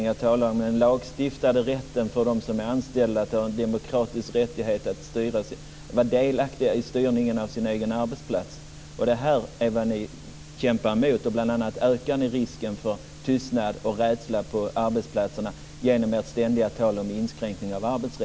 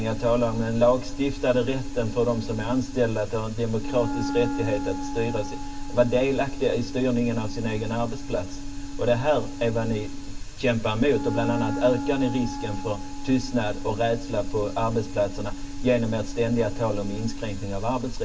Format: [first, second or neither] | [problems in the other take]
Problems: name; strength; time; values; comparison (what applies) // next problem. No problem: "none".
first | background sound (Wind instrument, woodwind instrument); 11 dB below the speech // room echo; dies away in 0.2 s